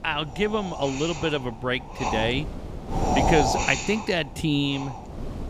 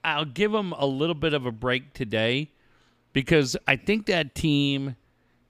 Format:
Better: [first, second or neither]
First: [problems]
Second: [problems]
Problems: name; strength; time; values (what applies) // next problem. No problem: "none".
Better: second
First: wind noise on the microphone; heavy; 1 dB below the speech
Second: none